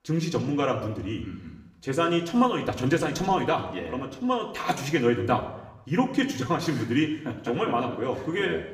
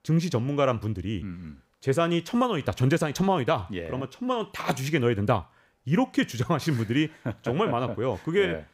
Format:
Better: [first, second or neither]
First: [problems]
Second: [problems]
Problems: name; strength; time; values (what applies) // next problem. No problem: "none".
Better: second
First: room echo; slight; dies away in 0.8 s // off-mic speech; somewhat distant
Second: none